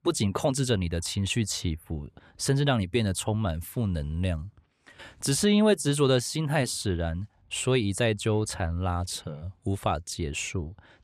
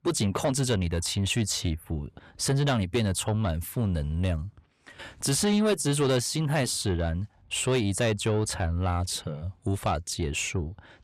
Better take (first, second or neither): first